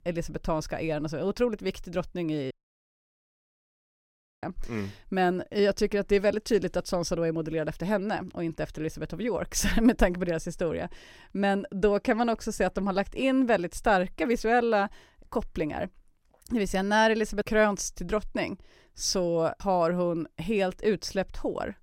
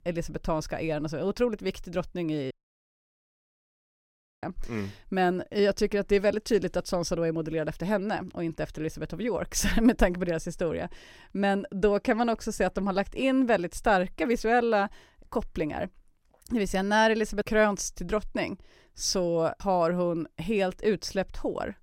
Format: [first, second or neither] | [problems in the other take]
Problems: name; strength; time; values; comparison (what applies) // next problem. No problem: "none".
neither | audio cutting out; at 2.5 s for 2 s; the same in both